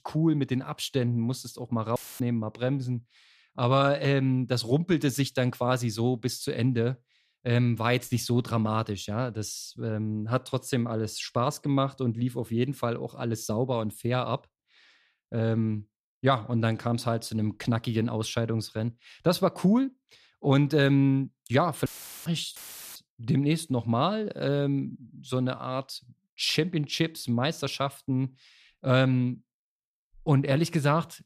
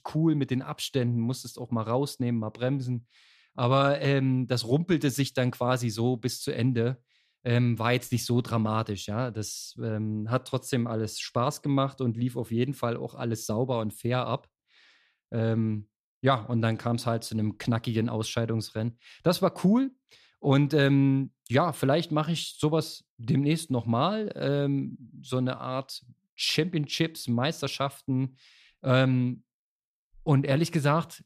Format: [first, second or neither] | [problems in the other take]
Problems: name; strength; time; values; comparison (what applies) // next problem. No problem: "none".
second | audio cutting out; filled with static; at 2 s, at 22 s and at 23 s